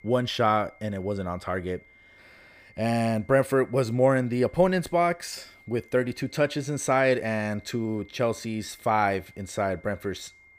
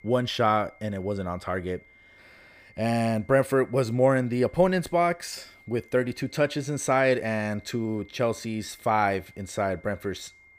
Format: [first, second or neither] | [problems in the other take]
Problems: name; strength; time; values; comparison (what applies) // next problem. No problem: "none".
neither | high-pitched whine; faint; throughout; 2 kHz, 25 dB below the speech; the same in both